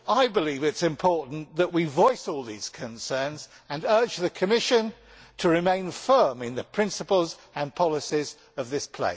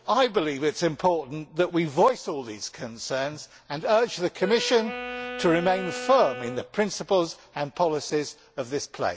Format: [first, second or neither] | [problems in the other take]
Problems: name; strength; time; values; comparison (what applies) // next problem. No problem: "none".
first | background sound (Wind instrument, woodwind instrument); 10 dB below the speech